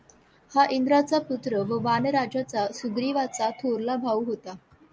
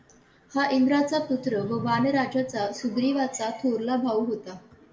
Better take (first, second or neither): first